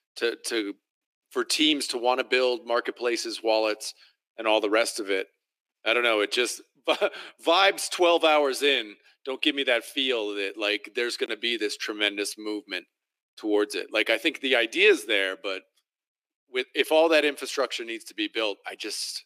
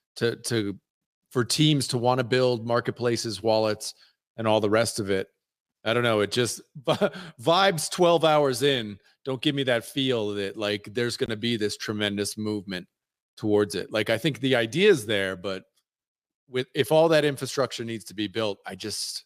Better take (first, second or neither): second